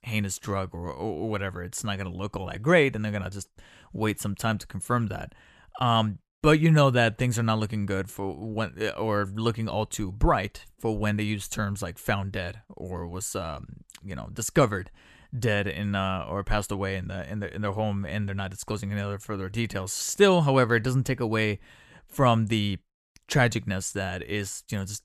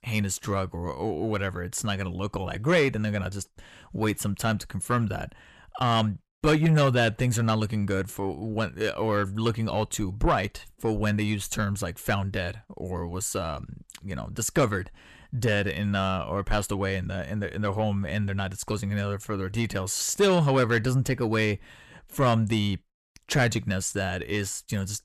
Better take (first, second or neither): first